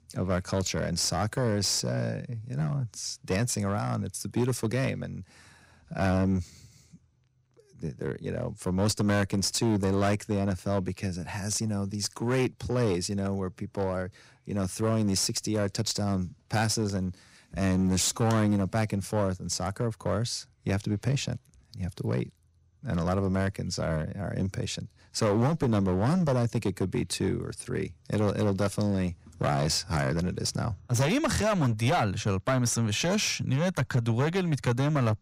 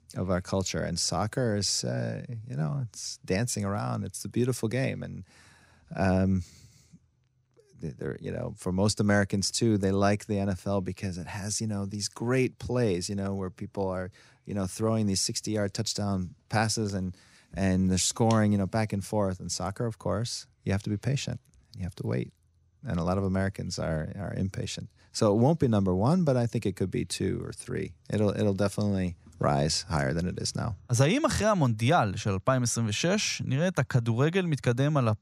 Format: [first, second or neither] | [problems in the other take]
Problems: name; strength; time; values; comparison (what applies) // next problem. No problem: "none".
second | distortion; slight; 9% of the sound clipped